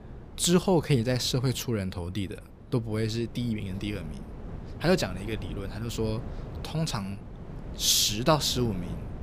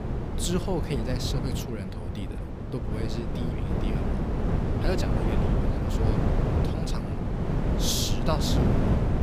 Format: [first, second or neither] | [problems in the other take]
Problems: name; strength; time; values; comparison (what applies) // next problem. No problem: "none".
first | wind noise on the microphone; heavy; as loud as the speech; occasional gusts in the first